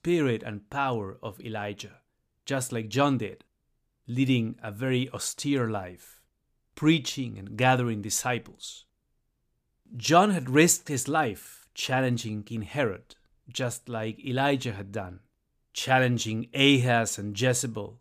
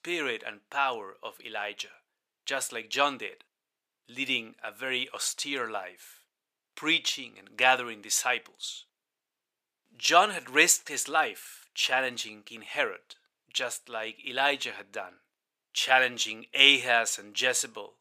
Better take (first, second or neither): first